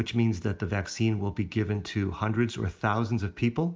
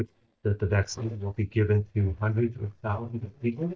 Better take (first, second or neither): first